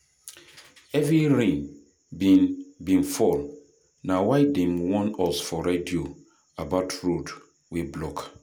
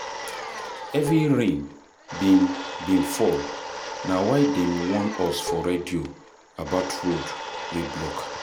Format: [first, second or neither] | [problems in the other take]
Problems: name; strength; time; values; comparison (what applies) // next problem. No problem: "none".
first | background sound (Domestic sounds, home sounds + Dishes, pots, and pans); 9 dB below the speech